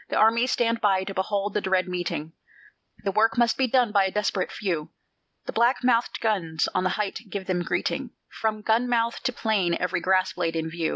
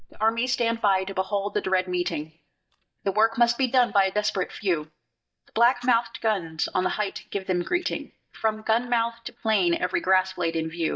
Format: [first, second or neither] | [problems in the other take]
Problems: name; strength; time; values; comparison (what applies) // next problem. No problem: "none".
first | noise reduction (neural mask model DeepFilterNet 3)